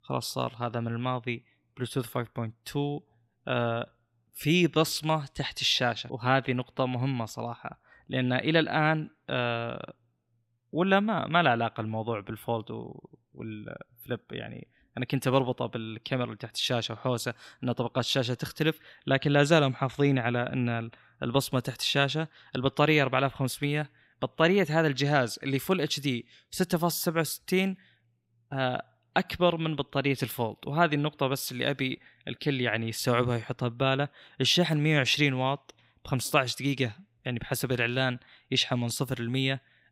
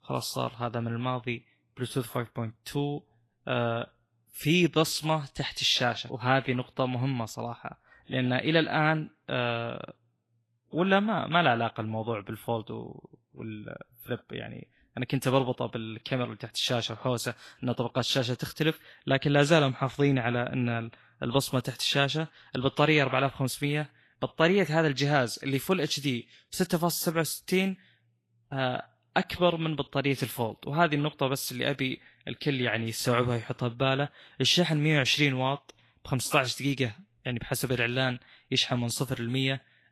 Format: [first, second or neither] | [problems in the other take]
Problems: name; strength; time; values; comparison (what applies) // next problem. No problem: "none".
first | garbled, watery; slightly; nothing above 12.5 kHz